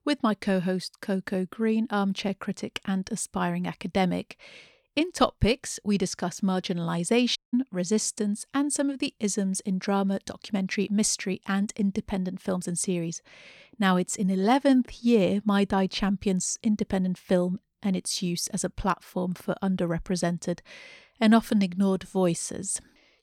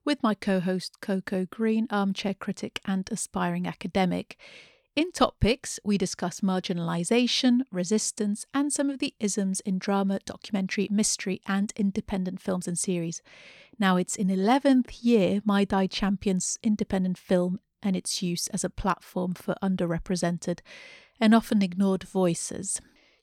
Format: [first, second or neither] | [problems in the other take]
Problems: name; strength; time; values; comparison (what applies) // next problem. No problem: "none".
second | audio cutting out; at 7.5 s